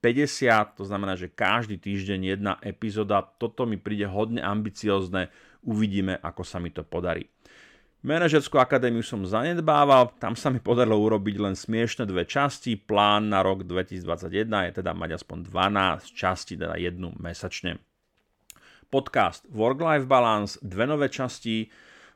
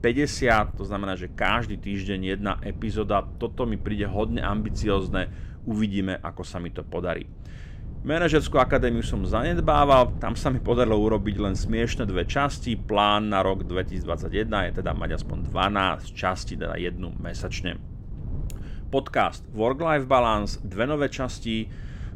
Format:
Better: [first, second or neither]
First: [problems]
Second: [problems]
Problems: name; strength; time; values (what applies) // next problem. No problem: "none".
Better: first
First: none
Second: wind noise on the microphone; occasional gusts; 25 dB below the speech